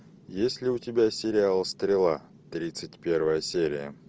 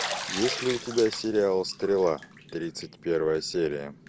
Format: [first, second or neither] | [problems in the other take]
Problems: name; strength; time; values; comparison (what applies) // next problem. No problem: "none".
first | background sound (Bathtub (filling or washing)); 10 dB below the speech